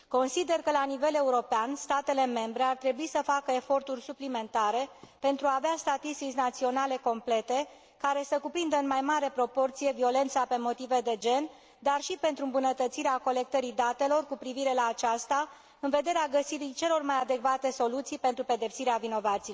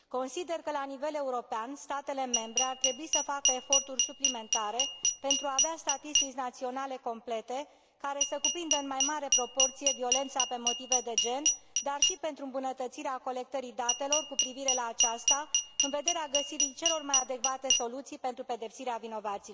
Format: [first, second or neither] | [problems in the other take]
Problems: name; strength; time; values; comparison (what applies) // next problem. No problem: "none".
first | background sound (Glass); 5 dB above the speech